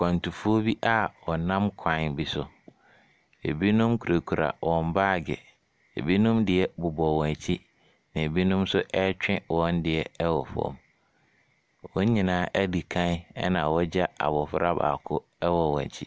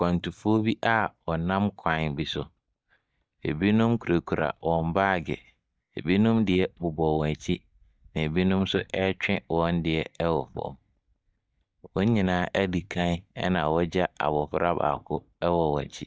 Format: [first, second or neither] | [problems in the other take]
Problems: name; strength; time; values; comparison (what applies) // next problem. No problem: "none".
first | noise reduction (neural mask model DeepFilterNet 3)